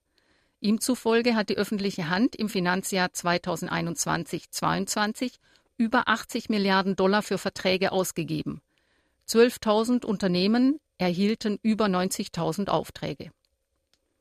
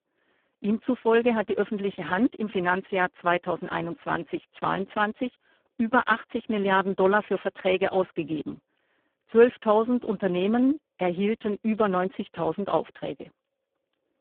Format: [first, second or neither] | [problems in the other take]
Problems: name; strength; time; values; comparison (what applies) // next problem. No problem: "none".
first | phone-call audio; poor line